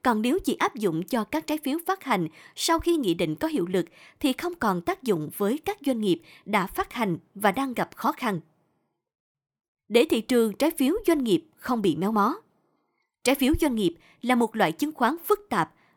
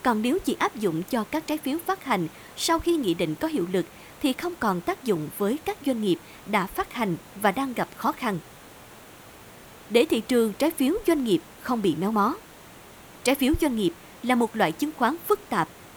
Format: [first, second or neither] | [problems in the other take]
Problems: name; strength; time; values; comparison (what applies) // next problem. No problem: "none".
first | hiss; faint; throughout; 20 dB below the speech